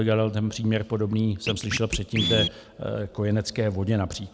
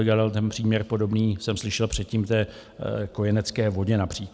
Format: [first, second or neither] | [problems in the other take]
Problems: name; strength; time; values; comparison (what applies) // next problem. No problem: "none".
second | background sound (Scratching (performance technique)); 7 dB below the speech